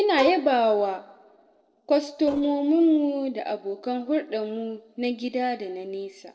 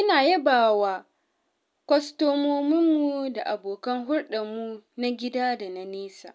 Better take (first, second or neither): second